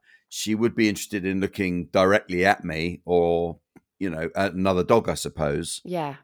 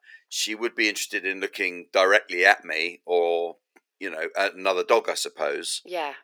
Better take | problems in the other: first | thin; very; fading below 400 Hz

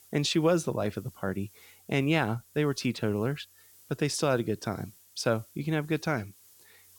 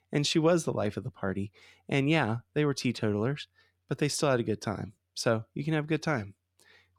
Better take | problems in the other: second | hiss; faint; throughout; 25 dB below the speech

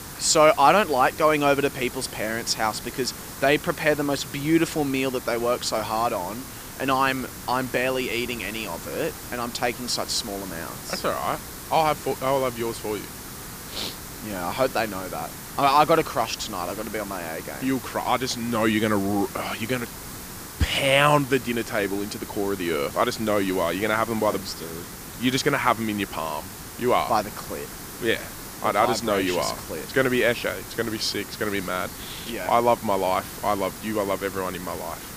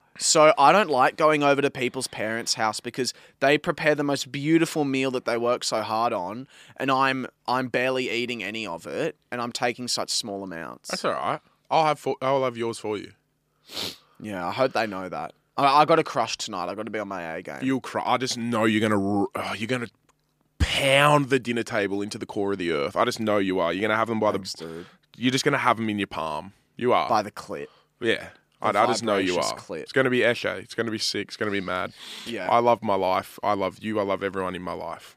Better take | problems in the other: second | hiss; noticeable; throughout; 10 dB below the speech

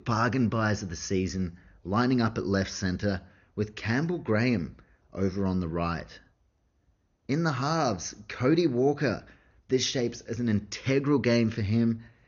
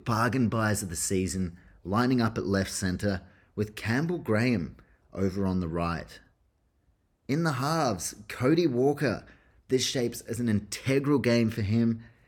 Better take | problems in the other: second | garbled, watery; slightly; nothing above 6.5 kHz

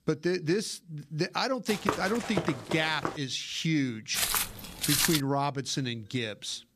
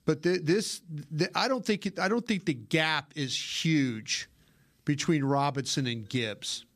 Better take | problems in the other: second | footsteps; noticeable; from 1.5 to 3 s; peak 1 dB below the speech // footsteps; loud; from 4 to 5 s; peak 6 dB above the speech

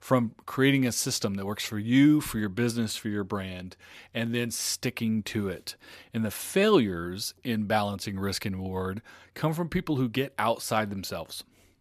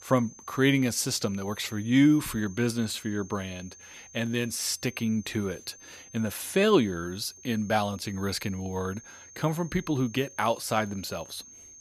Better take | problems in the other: first | high-pitched whine; noticeable; throughout; 6.5 kHz, 20 dB below the speech

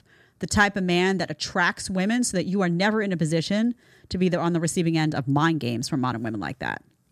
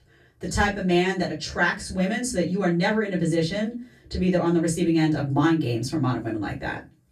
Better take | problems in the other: first | off-mic speech; far // room echo; very slight; dies away in 0.2 s

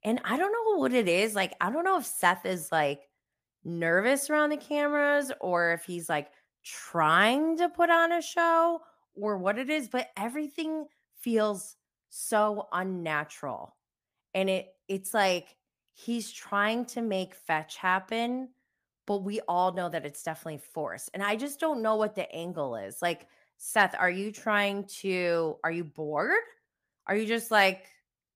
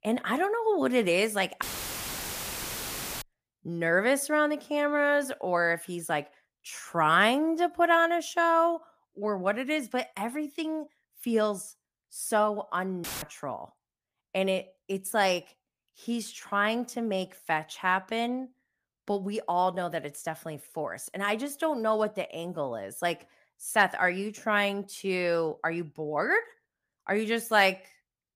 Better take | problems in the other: first | audio cutting out; filled with static; at 1.5 s for 1.5 s and at 13 s

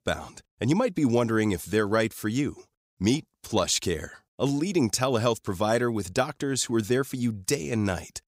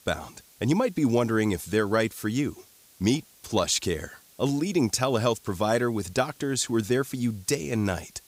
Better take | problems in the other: first | hiss; faint; throughout; 25 dB below the speech

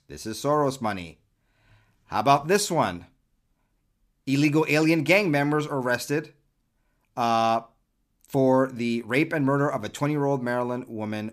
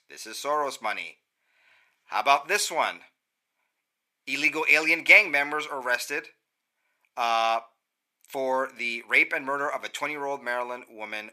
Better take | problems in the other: first | thin; very; fading below 650 Hz

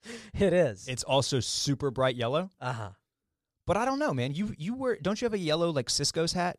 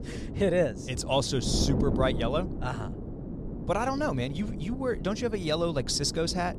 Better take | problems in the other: first | wind noise on the microphone; occasional gusts; 10 dB below the speech

